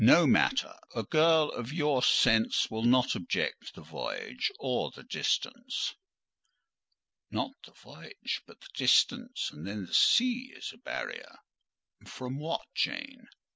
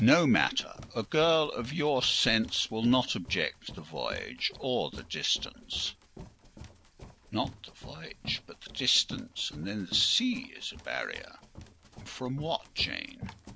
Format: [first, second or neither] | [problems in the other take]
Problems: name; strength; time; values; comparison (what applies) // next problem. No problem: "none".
first | background sound (Run); 17 dB below the speech